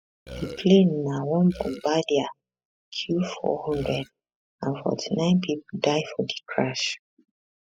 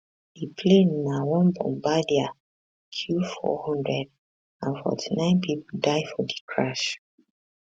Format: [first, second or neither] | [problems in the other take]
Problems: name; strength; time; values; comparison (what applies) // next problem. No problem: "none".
second | noise reduction (classical method spectral subtraction)